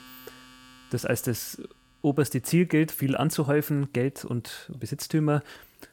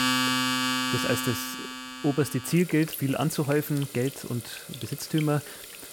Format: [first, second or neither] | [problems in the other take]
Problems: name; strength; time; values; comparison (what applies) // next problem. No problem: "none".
first | household noises; loud; throughout; 3 dB below the speech; faint in the first